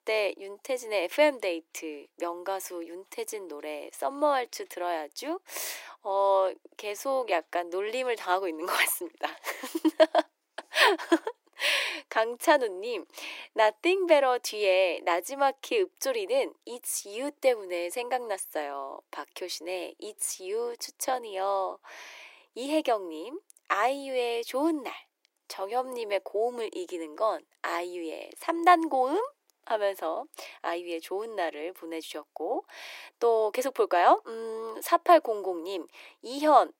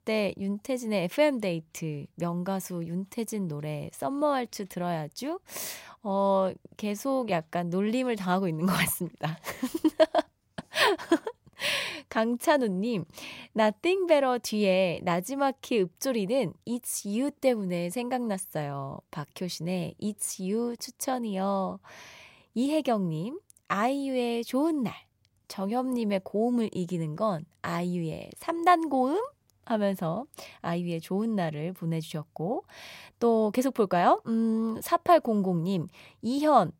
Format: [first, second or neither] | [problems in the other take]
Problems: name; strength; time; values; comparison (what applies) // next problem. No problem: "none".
second | thin; very; fading below 300 Hz